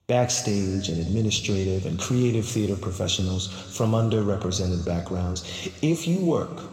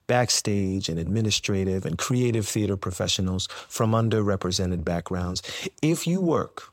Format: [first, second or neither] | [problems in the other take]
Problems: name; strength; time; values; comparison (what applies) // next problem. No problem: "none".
second | room echo; slight; dies away in 2 s